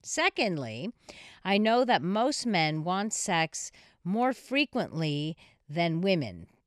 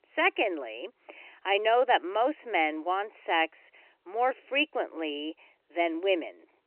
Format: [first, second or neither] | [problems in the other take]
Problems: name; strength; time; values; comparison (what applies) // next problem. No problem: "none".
first | phone-call audio; nothing above 3 kHz